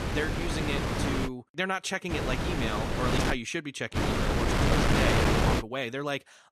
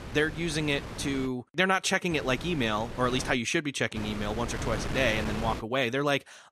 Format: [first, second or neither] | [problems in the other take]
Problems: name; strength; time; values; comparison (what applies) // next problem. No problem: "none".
second | wind noise on the microphone; heavy; until 1.5 s, from 2 to 3.5 s and from 4 to 5.5 s; 3 dB above the speech; occasional gusts in the second